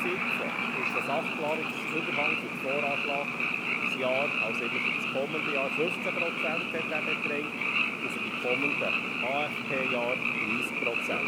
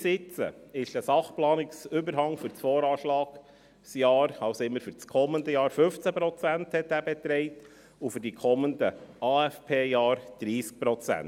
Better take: second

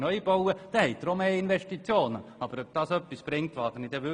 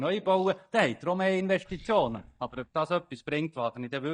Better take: first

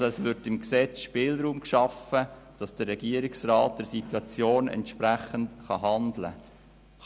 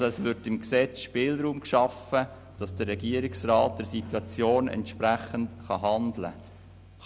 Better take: first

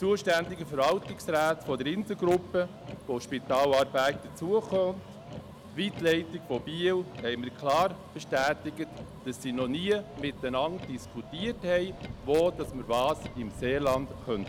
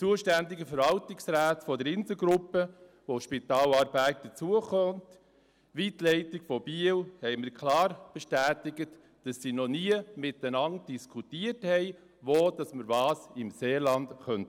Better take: second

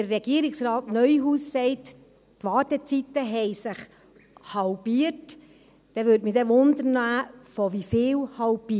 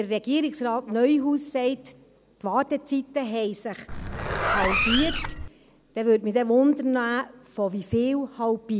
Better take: first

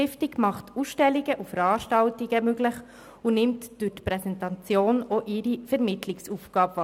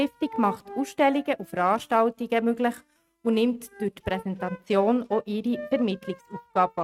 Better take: first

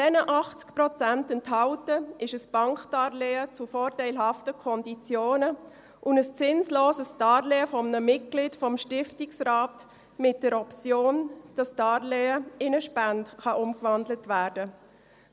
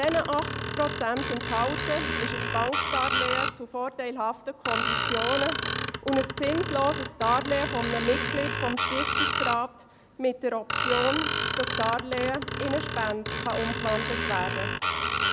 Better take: first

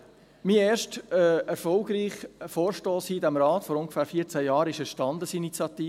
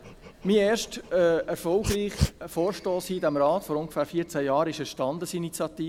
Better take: first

